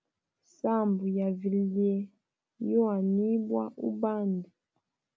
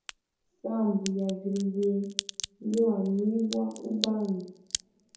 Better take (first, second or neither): first